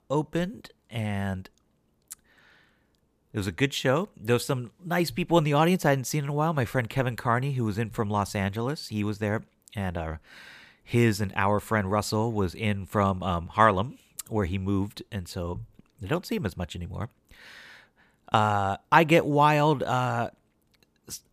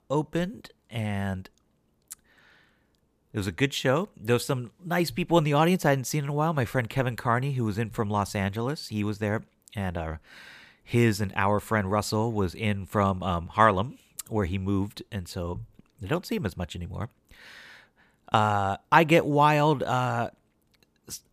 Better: neither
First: none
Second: none

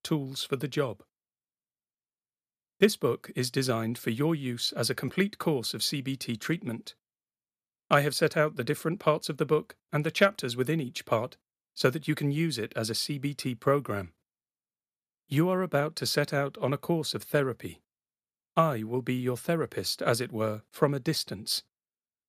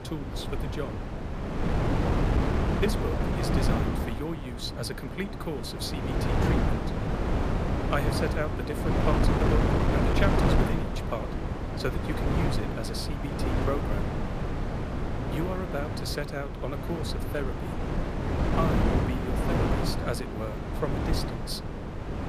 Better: first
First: none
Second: wind noise on the microphone; heavy; 2 dB above the speech

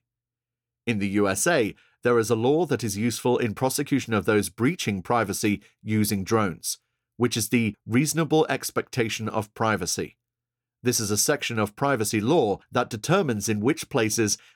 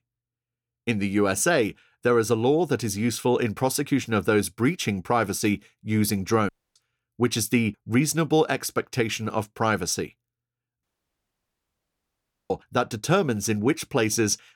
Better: first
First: none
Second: audio cutting out; at 6.5 s and at 11 s for 1.5 s

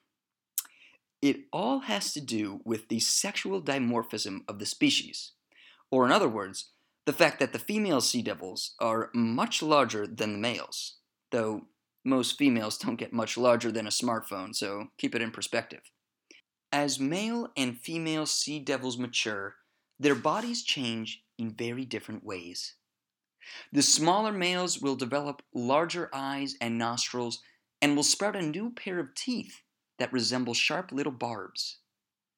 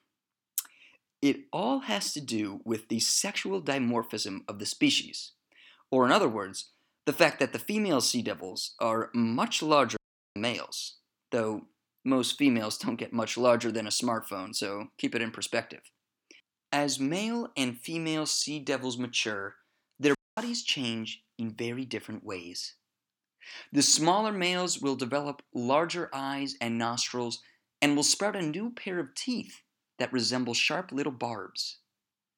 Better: first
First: none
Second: audio cutting out; at 10 s and at 20 s

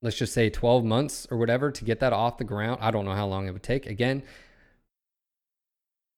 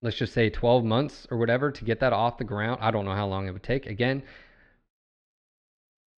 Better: first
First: none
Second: muffled; very slightly; fading above 4 kHz

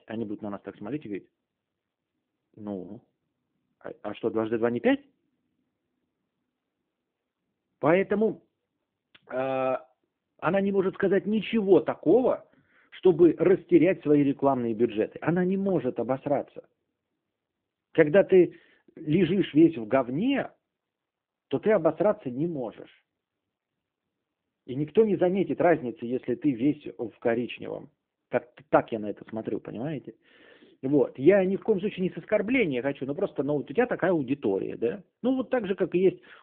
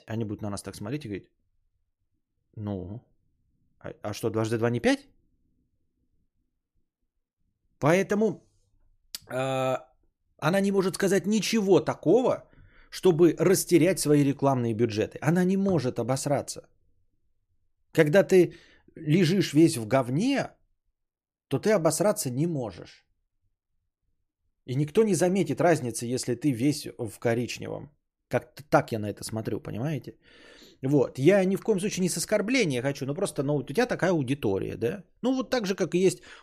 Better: second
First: phone-call audio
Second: none

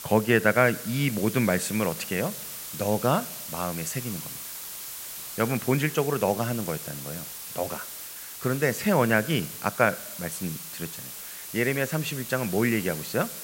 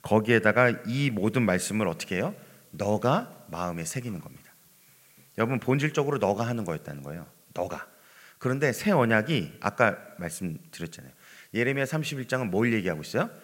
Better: second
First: hiss; loud; throughout; 9 dB below the speech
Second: hiss; faint; throughout; 30 dB below the speech

